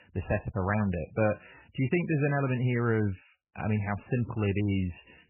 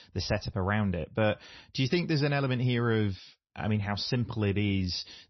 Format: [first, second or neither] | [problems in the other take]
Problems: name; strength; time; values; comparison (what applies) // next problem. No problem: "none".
second | garbled, watery; badly; nothing above 3 kHz; slightly in the second